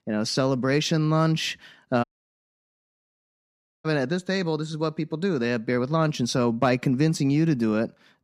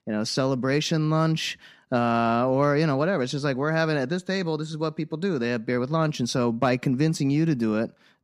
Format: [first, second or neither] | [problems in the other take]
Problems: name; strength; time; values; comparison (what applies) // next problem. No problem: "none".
second | audio cutting out; at 2 s for 2 s